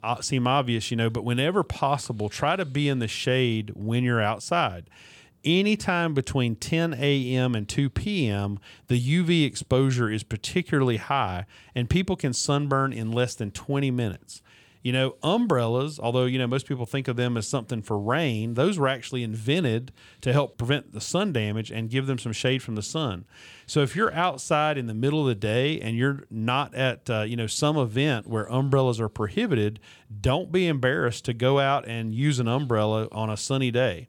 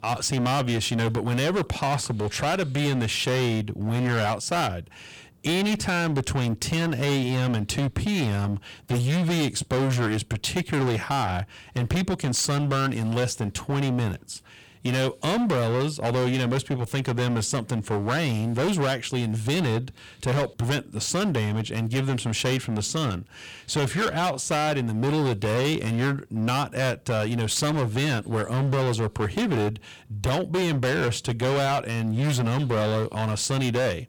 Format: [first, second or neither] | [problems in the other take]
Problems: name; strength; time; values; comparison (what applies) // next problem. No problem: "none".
first | distortion; heavy; 26% of the sound clipped